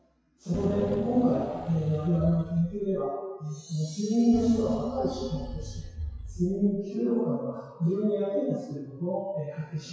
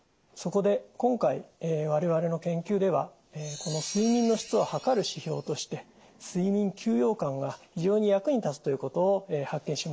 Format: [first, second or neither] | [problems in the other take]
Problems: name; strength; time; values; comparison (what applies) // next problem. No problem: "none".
second | noise reduction (classical method WPE with log-MMSE)